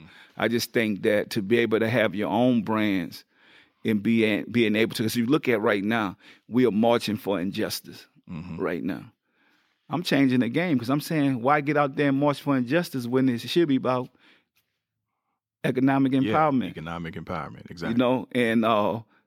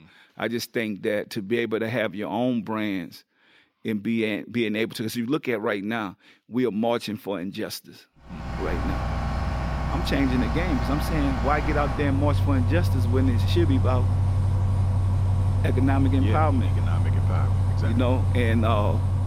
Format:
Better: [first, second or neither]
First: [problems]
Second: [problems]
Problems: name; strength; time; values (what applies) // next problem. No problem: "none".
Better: first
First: none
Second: traffic noise; very loud; from 8.5 s on; 3 dB above the speech